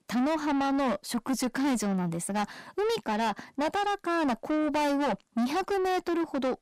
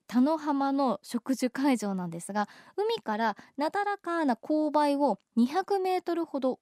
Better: second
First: distortion; heavy; 7 dB below the speech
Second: none

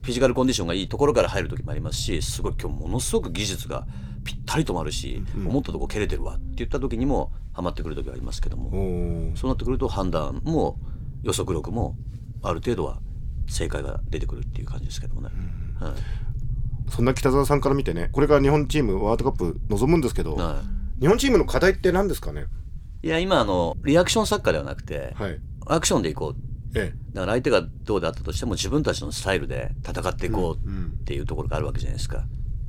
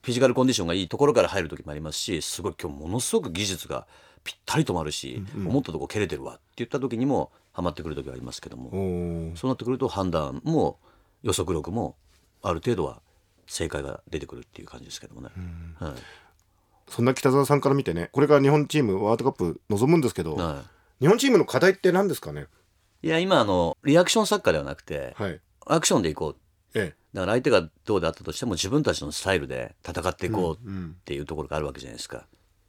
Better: second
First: low rumble; faint; throughout; 25 dB below the speech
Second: none

